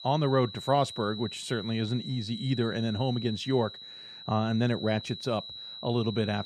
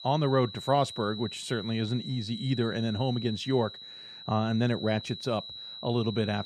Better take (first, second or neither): neither